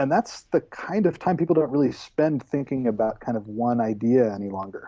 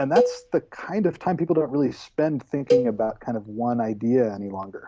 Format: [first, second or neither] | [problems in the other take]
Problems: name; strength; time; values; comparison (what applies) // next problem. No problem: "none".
first | background sound (Cowbell); 3 dB below the speech